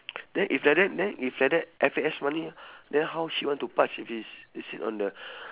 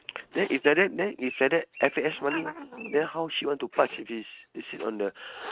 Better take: first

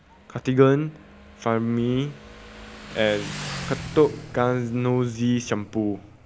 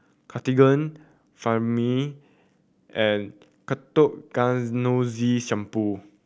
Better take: second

